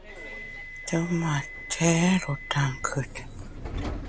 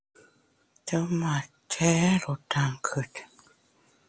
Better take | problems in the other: second | background sound (Subway, metro, underground); 9 dB below the speech

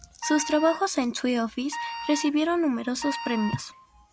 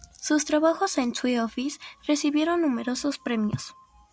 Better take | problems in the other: second | background sound (Wind instrument, woodwind instrument); 11 dB below the speech

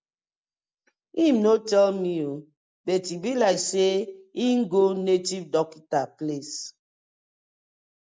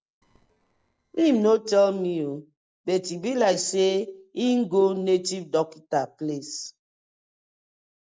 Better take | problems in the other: first | noise reduction (neural separator model SepFormer DNS4)

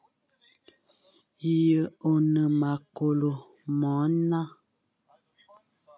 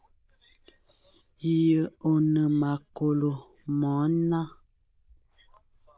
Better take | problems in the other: first | noise reduction (neural diffusion model UNIVERSE++)

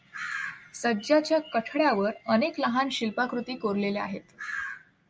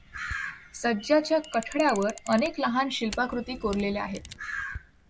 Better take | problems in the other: first | background sound (Camera); 17 dB below the speech

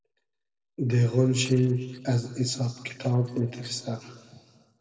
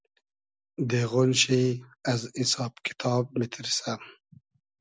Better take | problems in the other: second | noise reduction (neural separator model SepFormer DNS4)

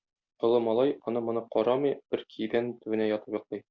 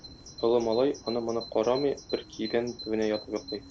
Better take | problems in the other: first | background sound (Bird vocalization, bird call, bird song); 16 dB below the speech

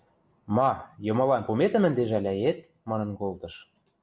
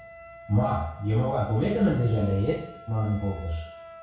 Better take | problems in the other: first | background sound (Wind instrument, woodwind instrument); 19 dB below the speech // room echo; dies away in 0.6 s

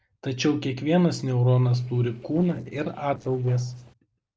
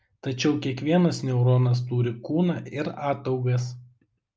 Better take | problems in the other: second | noise reduction (neural separator model SepFormer DNS4)

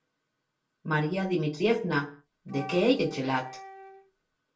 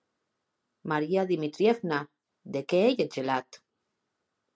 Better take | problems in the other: second | background sound (Wind instrument, woodwind instrument); 16 dB below the speech // room echo; dies away in 0.3 s

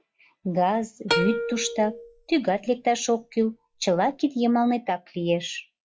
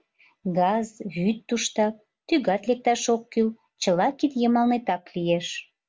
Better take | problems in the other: second | noise reduction (classical method log-MMSE)

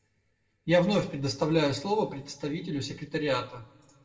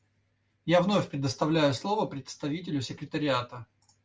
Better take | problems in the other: second | room echo; dies away in 0.8 s

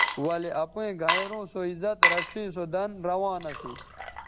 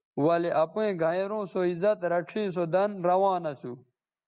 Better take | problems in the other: second | background sound (Water / Liquid); as loud as the speech

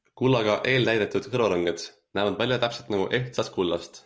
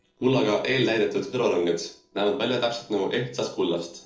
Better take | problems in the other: first | noise reduction (neural separator model SepFormer DNS4)

